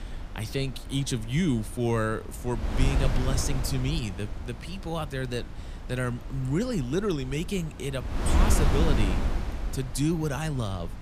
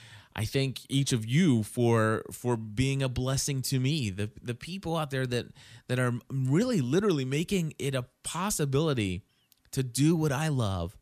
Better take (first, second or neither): second